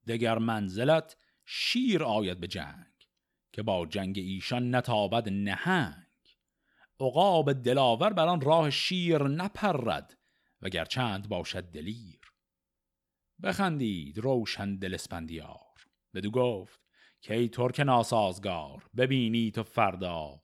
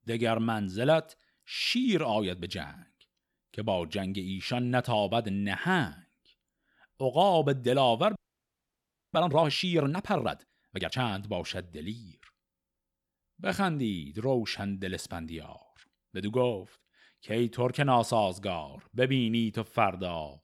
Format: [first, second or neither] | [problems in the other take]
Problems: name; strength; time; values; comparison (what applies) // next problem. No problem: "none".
first | audio freezing; at 8 s for 1 s